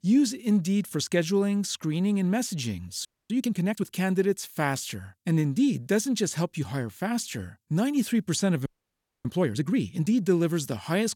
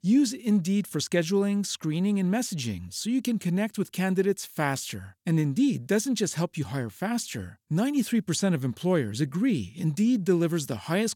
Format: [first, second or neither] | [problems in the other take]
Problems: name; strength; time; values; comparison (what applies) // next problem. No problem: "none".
second | audio freezing; at 3 s and at 8.5 s for 0.5 s